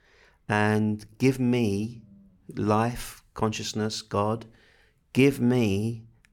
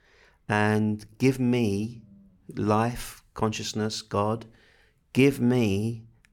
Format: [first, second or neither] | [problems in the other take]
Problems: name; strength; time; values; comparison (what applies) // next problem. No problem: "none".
neither | none